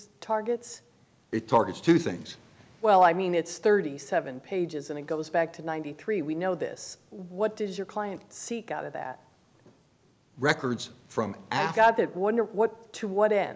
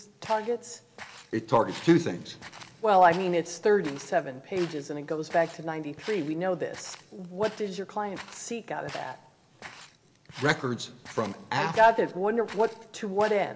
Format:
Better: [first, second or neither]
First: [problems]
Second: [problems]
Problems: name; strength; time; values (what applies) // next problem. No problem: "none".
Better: first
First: none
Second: background sound (Walk, footsteps); 19 dB below the speech // room echo; dies away in 0.3 s